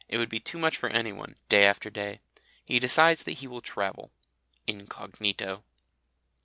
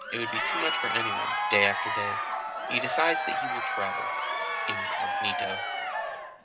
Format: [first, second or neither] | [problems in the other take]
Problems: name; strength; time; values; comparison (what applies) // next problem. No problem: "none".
first | background sound (Crowd); 3 dB above the speech // room echo; dies away in 0.2 s